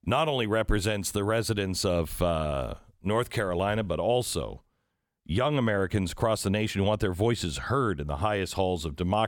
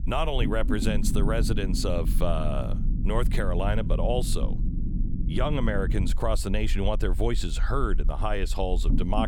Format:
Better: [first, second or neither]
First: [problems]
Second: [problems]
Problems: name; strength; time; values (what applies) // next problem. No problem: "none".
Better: first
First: none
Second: low rumble; noticeable; throughout; 10 dB below the speech